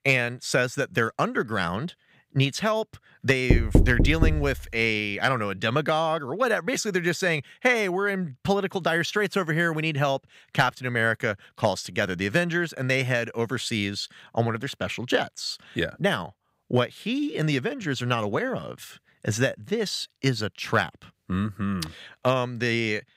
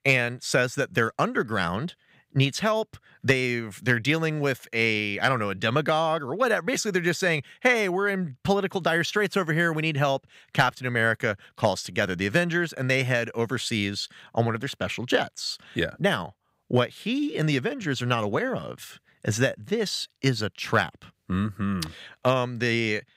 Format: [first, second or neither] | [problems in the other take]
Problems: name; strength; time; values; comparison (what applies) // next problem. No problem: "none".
second | door banging; loud; at 3.5 s; peak 5 dB above the speech